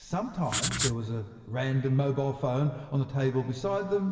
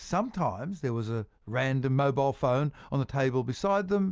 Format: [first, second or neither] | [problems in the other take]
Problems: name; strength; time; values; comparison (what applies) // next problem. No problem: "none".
second | background sound (Writing); 2 dB below the speech // room echo; dies away in 2.2 s